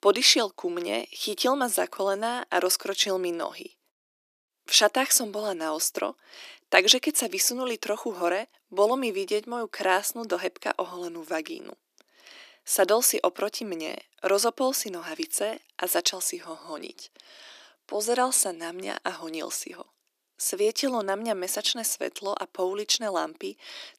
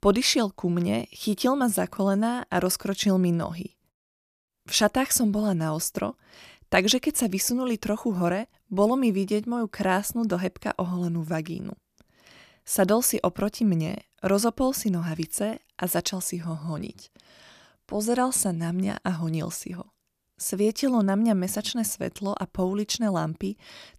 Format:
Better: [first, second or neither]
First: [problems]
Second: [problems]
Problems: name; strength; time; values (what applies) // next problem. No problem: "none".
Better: second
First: thin; somewhat; fading below 300 Hz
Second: none